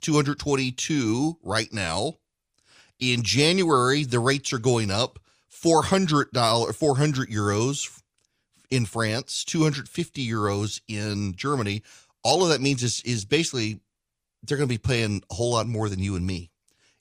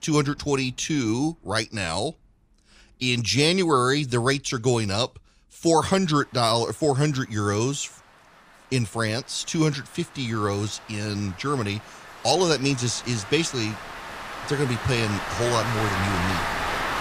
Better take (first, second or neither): first